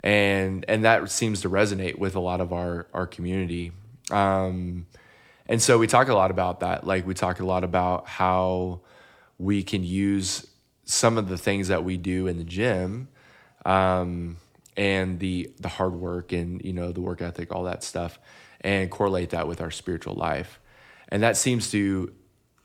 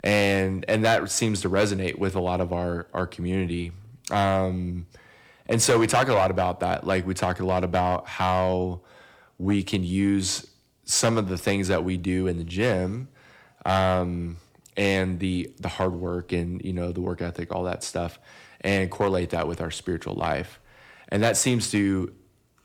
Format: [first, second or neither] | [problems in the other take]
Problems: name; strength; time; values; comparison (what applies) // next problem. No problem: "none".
first | distortion; slight; 2% of the sound clipped